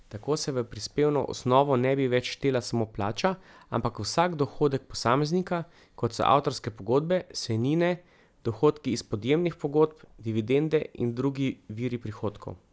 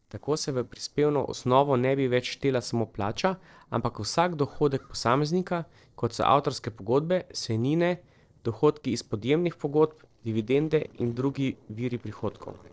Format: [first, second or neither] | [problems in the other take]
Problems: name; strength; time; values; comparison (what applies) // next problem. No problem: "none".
first | noise reduction (neural separator model SepFormer DNS4)